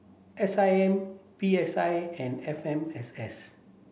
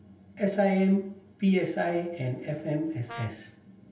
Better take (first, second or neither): first